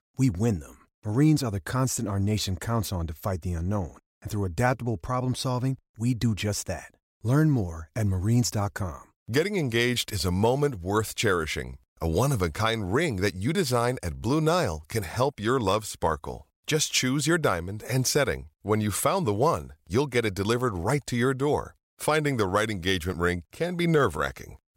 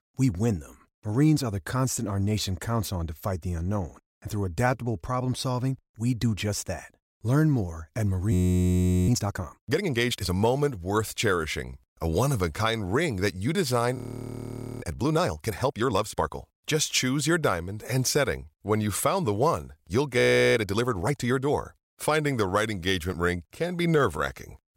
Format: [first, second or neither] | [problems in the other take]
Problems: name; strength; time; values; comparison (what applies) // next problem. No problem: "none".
first | audio freezing; at 8.5 s for 1 s, at 14 s for 1 s and at 20 s